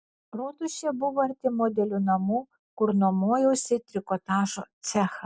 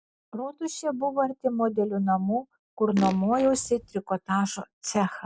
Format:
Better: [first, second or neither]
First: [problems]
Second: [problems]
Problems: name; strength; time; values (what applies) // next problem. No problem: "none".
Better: first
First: none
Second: background sound (Fart); 11 dB below the speech